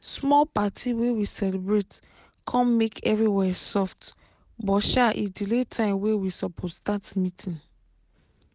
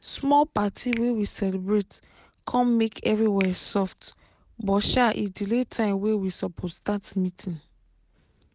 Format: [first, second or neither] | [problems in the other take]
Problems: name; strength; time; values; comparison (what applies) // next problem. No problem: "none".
first | background sound (Finger snapping); 19 dB below the speech